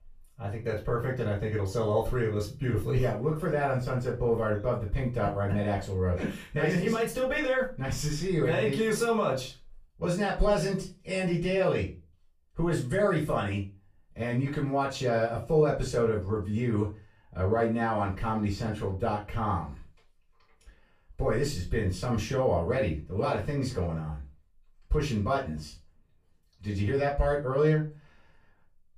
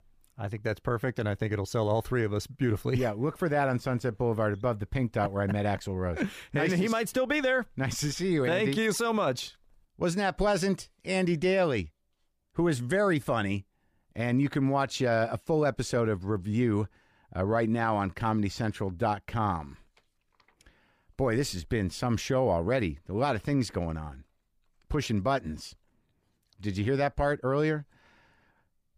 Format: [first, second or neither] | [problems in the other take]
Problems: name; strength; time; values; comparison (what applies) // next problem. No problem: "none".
second | off-mic speech; far // room echo; slight; dies away in 0.3 s